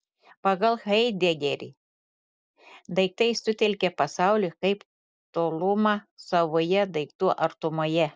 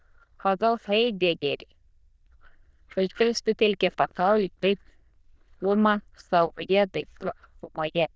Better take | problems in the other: first | noise reduction (neural diffusion model UNIVERSE++)

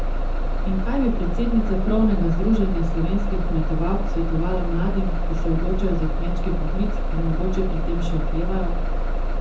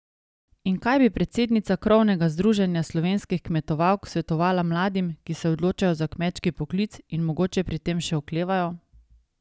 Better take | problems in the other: second | background sound (Bus); 4 dB above the speech // room echo; dies away in 0.6 s

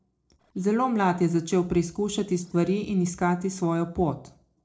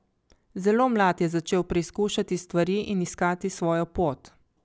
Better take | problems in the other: second | noise reduction (neural separator model SepFormer DNS4)

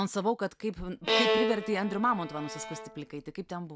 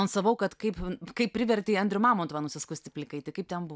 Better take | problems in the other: second | background sound (Bowed string instrument); as loud as the speech

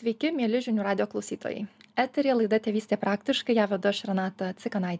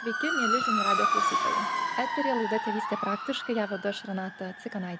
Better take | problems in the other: first | background sound (Motor vehicle (road) / Siren); 3 dB above the speech

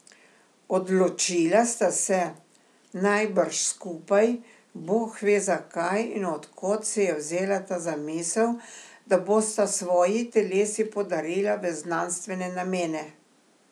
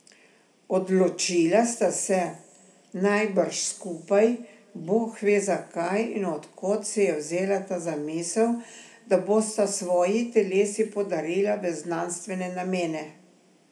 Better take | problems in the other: first | room echo; dies away in 1 s

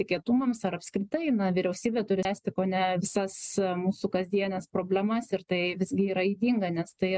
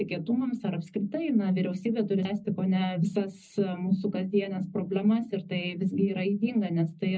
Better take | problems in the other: first | room echo; dies away in 0.4 s

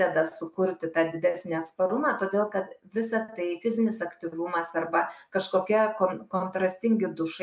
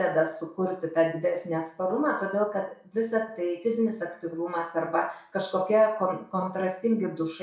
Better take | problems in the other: first | room echo; dies away in 0.4 s

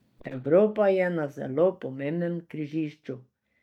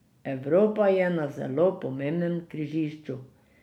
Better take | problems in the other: second | noise reduction (neural mask model DeepFilterNet 3)

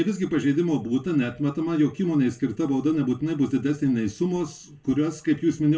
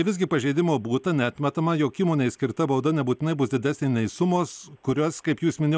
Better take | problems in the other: second | room echo; dies away in 0.2 s

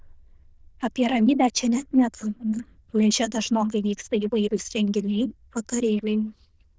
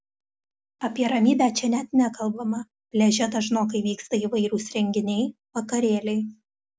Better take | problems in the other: second | noise reduction (neural diffusion model UNIVERSE++)

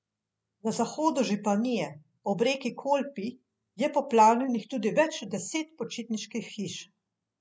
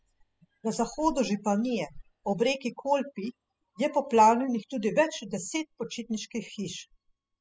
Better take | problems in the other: first | noise reduction (classical method spectral subtraction)

